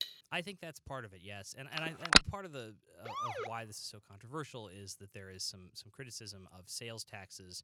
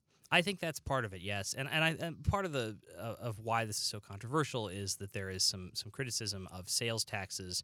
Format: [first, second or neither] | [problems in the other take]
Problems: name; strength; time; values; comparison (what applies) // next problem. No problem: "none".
second | clattering dishes; loud; at the start; peak 3 dB above the speech // phone ringing; loud; at 2 s; peak 20 dB above the speech // siren; loud; at 3 s; peak 5 dB above the speech